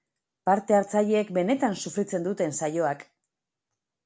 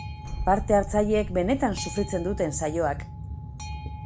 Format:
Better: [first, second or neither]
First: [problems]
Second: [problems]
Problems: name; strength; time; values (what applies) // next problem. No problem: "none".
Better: first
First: none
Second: background sound (Boat, Water vehicle + Boom); 7 dB below the speech